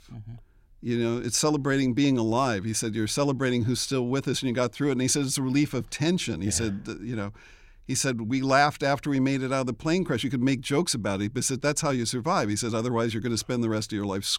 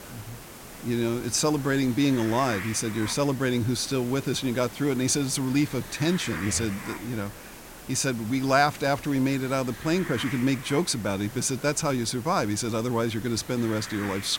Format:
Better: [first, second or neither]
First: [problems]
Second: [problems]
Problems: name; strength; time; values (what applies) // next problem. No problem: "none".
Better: first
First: none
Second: hiss; noticeable; throughout; 15 dB below the speech